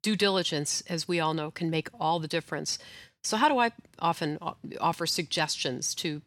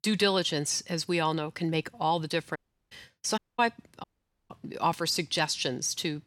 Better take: first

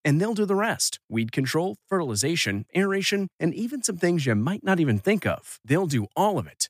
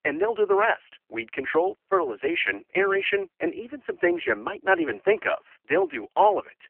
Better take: first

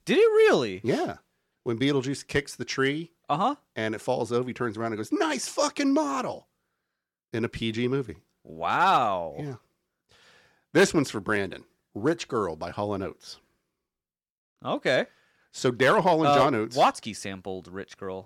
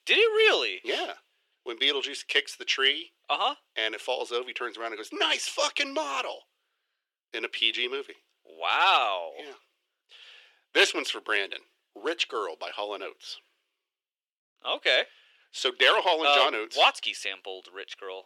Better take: first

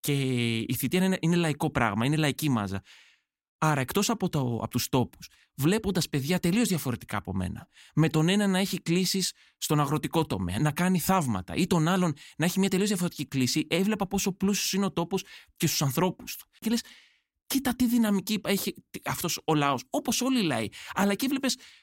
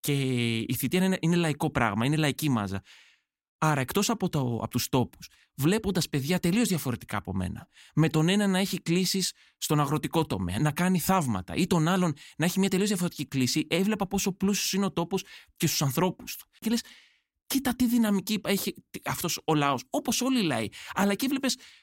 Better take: neither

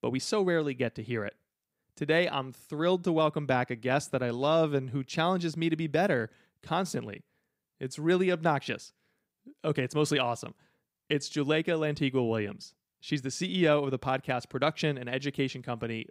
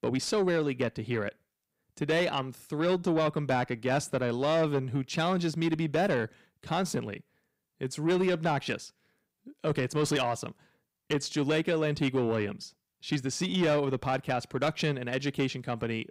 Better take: first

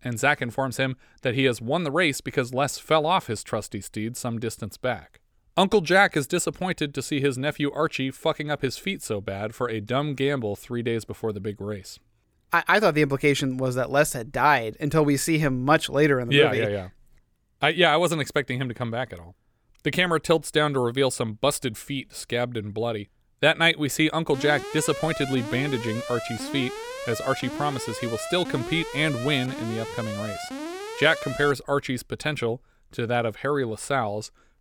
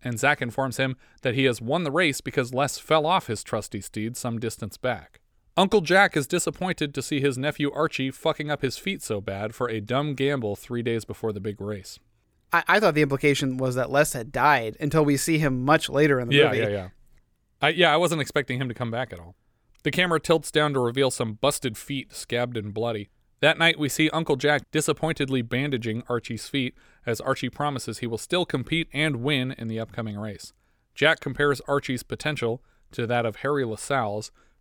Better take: second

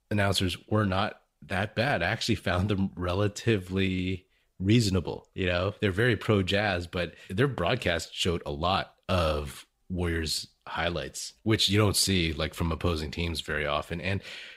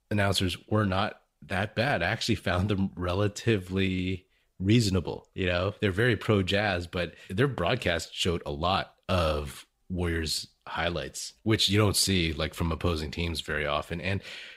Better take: neither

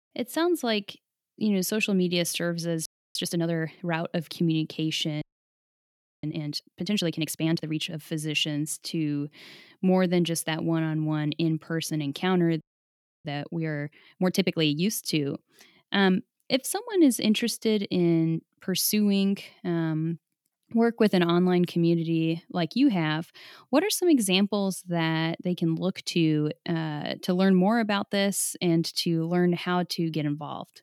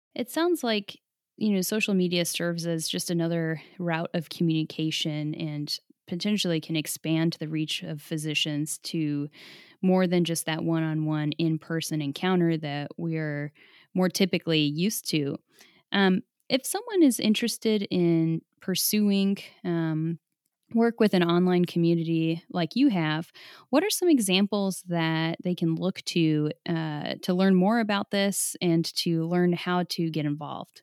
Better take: second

